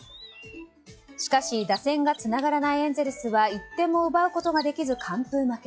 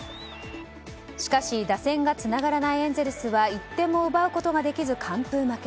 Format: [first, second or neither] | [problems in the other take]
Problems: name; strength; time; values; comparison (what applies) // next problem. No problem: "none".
second | noise reduction (classical method log-MMSE)